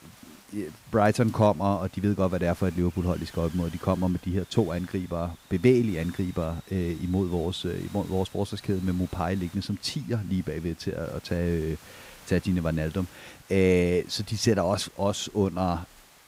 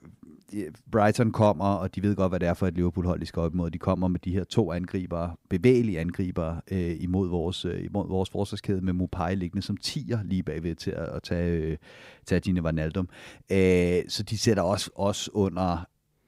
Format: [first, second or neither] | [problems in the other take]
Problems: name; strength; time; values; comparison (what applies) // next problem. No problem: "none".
second | hiss; faint; throughout; 20 dB below the speech